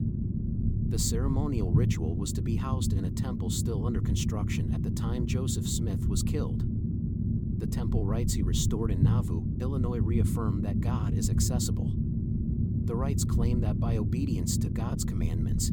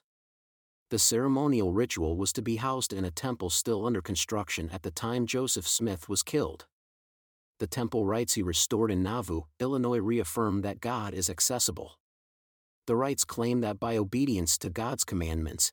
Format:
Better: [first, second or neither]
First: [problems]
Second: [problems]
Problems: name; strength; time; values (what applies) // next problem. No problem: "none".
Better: second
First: low rumble; loud; throughout; 2 dB below the speech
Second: none